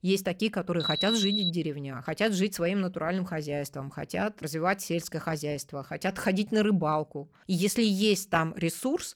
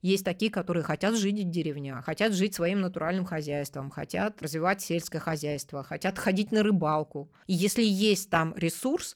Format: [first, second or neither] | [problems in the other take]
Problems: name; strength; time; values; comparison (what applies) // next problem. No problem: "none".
second | alarm; loud; at 1 s; peak 2 dB above the speech